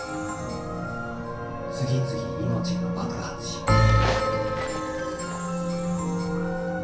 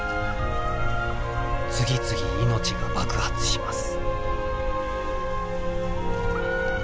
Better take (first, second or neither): second